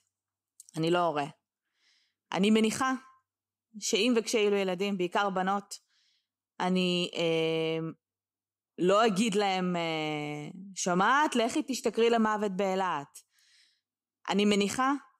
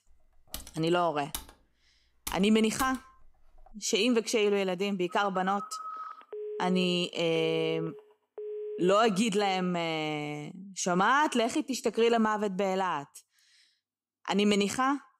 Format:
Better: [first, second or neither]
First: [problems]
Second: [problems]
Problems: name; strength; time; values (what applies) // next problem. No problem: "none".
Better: first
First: none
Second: keyboard typing; faint; from 0.5 to 3.5 s; peak 10 dB below the speech // phone ringing; noticeable; from 5 to 9.5 s; peak 9 dB below the speech